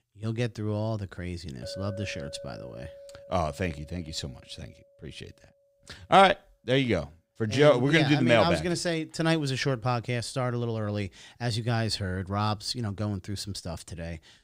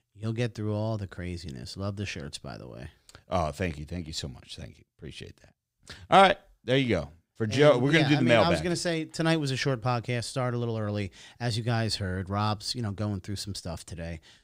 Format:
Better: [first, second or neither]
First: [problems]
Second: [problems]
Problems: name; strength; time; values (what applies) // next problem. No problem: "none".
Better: second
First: clattering dishes; faint; from 1.5 to 4.5 s; peak 15 dB below the speech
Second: none